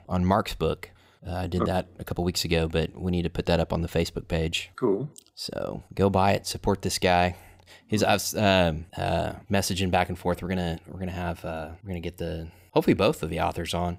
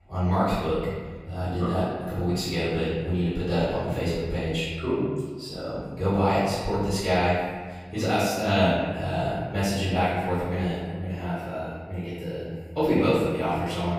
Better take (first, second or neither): first